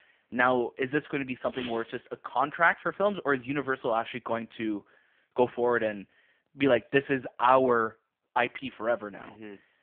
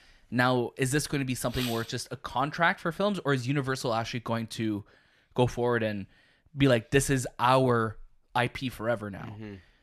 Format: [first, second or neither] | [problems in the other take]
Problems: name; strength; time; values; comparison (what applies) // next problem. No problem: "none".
second | phone-call audio; poor line